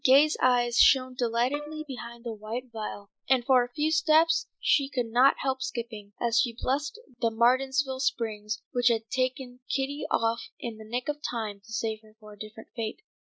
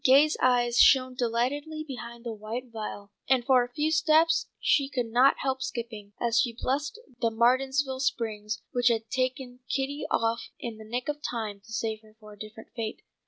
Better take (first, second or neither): second